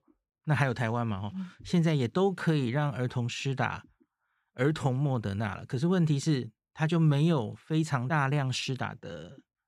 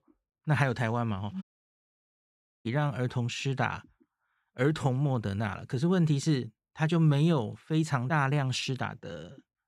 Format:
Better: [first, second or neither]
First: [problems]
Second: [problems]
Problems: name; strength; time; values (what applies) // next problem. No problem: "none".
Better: first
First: none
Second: audio cutting out; at 1.5 s for 1 s